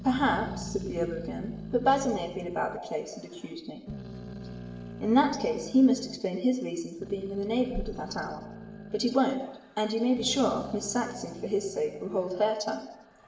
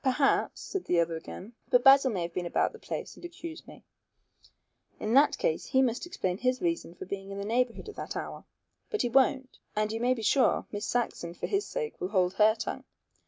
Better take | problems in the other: second | background sound (Growling); 13 dB below the speech // room echo; dies away in 0.8 s

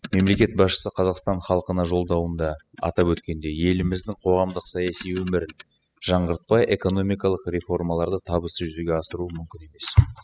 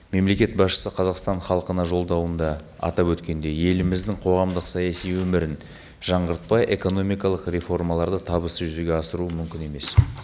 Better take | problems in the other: second | noise reduction (classical method spectral subtraction)

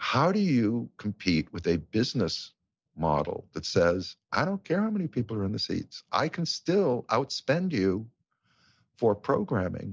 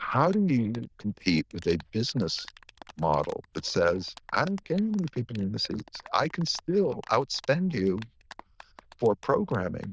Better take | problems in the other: first | noise reduction (neural diffusion model UNIVERSE++)

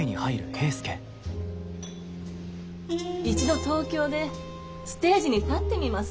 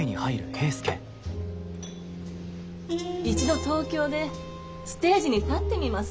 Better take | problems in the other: first | background sound (Microwave oven); 18 dB below the speech

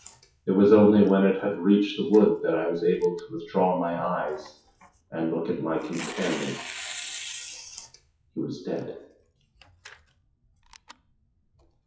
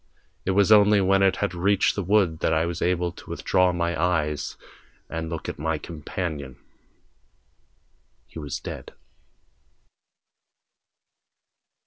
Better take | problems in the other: second | noise reduction (classical method WPE with log-MMSE)

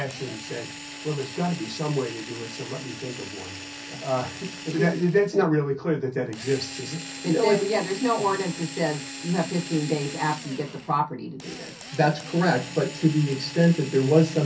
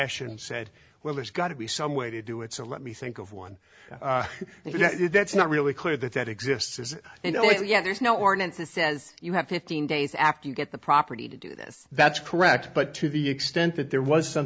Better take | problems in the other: second | background sound (Drill); 13 dB below the speech // room echo; dies away in 0.3 s

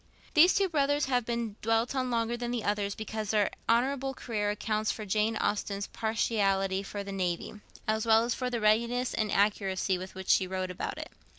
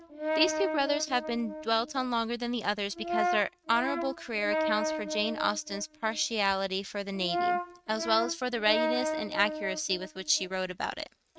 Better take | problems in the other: first | noise reduction (neural mask model RNNoise)

